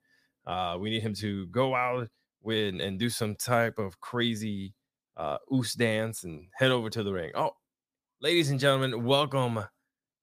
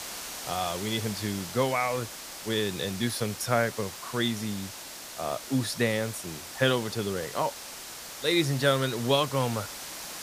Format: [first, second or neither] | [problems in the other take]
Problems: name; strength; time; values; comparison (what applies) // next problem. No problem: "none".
first | hiss; loud; throughout; 9 dB below the speech